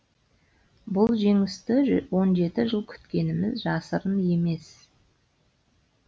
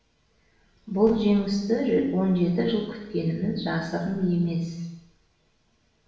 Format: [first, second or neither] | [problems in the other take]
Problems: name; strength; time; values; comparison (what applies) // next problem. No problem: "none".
first | room echo; dies away in 0.9 s